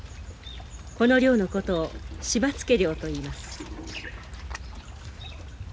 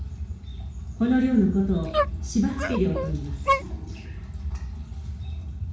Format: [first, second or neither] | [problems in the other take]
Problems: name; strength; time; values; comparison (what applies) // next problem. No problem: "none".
first | background sound (Dog); 5 dB below the speech // room echo; dies away in 0.6 s